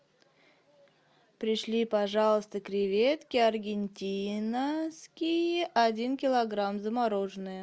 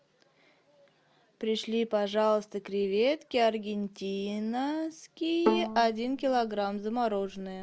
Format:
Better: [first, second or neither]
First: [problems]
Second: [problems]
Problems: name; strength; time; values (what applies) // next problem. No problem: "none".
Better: first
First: none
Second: background sound (Bowed string instrument); 5 dB below the speech